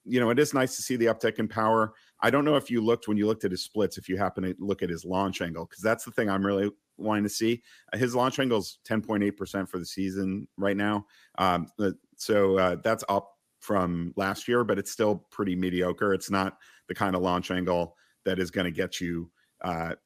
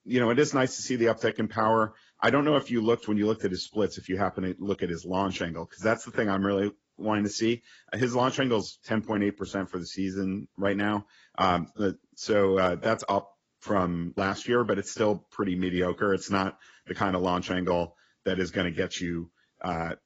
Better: first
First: none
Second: garbled, watery; badly; nothing above 7.5 kHz

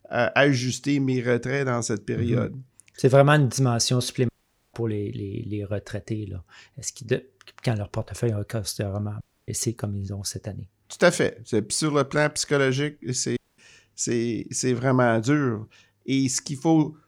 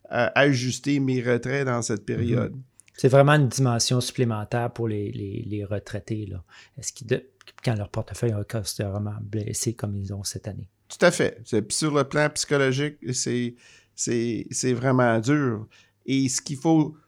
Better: second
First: audio cutting out; at 4.5 s, at 9 s and at 13 s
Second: none

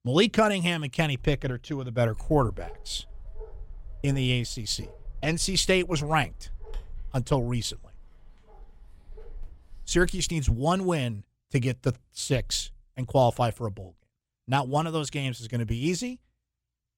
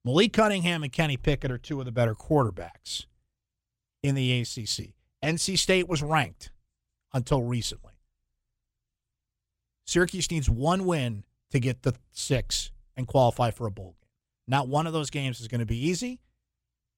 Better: second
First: dog barking; faint; from 2 to 10 s; peak 15 dB below the speech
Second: none

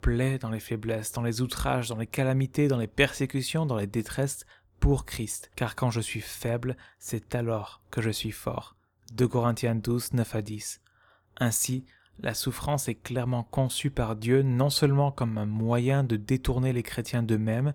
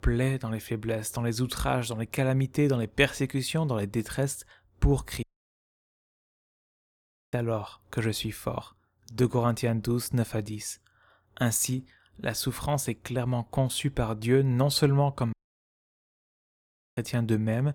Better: first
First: none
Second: audio cutting out; at 5 s for 2 s and at 15 s for 1.5 s

